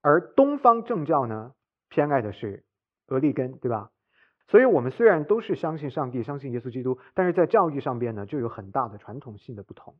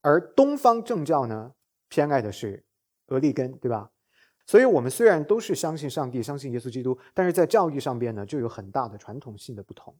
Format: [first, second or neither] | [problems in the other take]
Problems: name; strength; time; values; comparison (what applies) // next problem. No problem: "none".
second | muffled; very; fading above 2.5 kHz